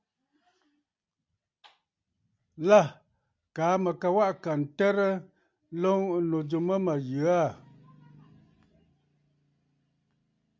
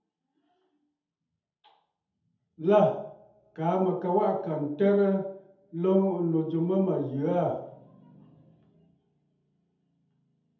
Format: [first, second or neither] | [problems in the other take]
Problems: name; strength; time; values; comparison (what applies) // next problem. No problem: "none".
first | room echo; dies away in 0.7 s